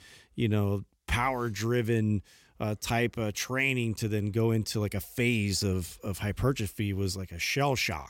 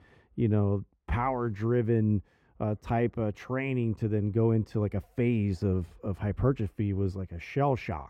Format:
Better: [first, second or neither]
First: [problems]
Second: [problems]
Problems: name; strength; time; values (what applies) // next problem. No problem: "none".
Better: first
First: none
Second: muffled; very; fading above 2.5 kHz